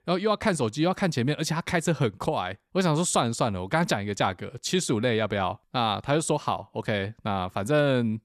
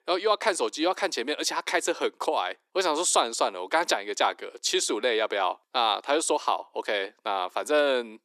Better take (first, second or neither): first